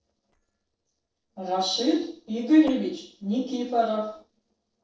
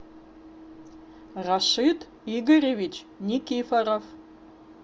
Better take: second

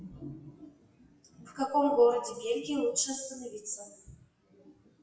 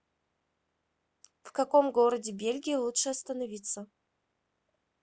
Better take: second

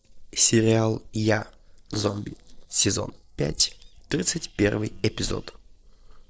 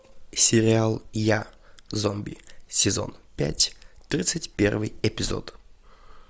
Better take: second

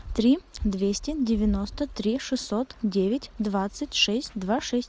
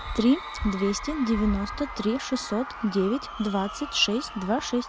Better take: first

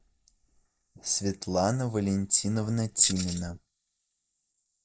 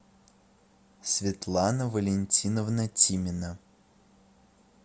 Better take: second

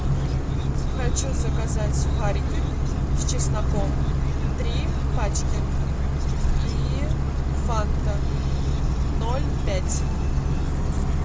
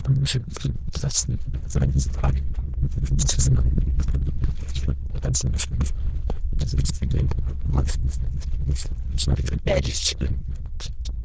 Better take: first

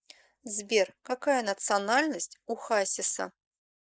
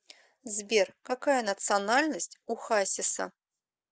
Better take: second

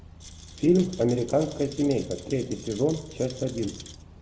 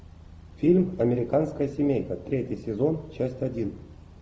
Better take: second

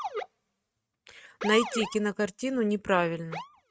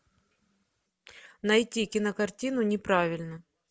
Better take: second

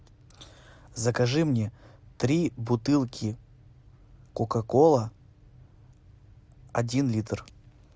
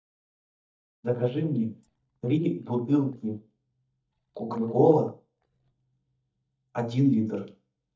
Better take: first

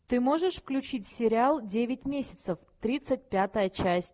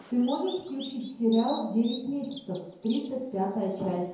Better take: first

